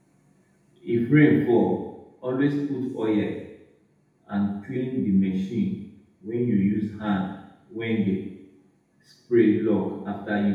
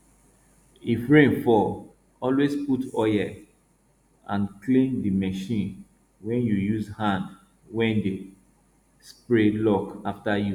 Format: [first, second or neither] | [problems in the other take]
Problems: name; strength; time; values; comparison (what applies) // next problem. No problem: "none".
second | room echo; dies away in 0.8 s